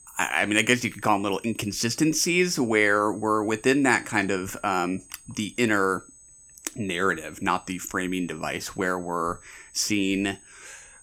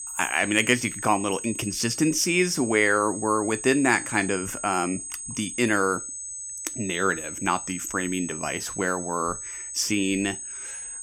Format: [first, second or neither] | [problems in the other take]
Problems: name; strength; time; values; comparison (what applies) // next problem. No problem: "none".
first | high-pitched whine; loud; throughout; 8 kHz, 8 dB below the speech; faint in the first